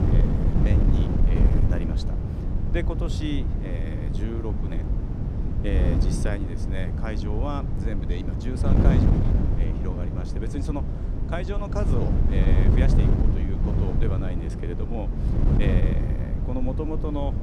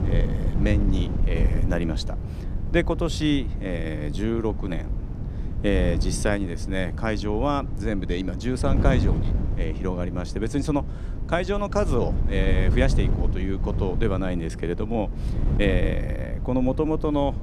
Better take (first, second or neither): second